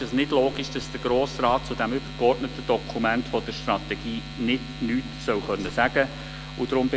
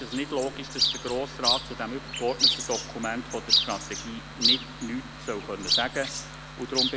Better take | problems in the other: first | background sound (Chirp, tweet); 3 dB above the speech

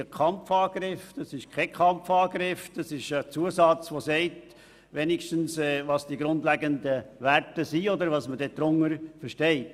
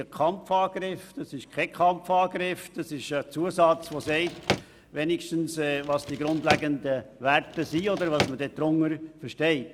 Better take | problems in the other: first | background sound (Drawer open or close); 7 dB below the speech

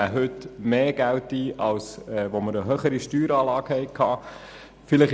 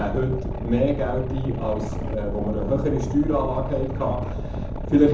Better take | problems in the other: first | background sound (Boat, Water vehicle); 4 dB below the speech // room echo; dies away in 0.6 s

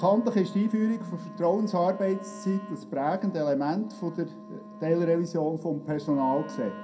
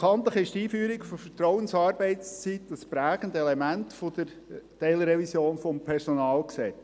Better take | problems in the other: second | background sound (Wind instrument, woodwind instrument); 16 dB below the speech // room echo; dies away in 0.2 s

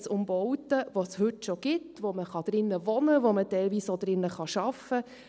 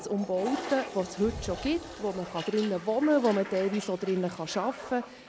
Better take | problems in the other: first | background sound (Toilet flush); 12 dB below the speech

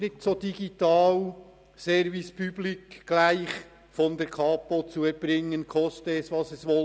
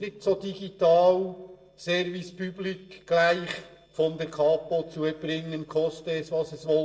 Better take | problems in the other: first | noise reduction (neural separator model SepFormer DNS4)

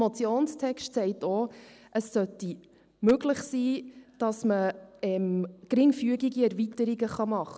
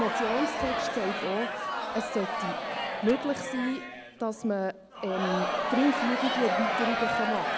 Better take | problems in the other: first | background sound (Crowd); as loud as the speech

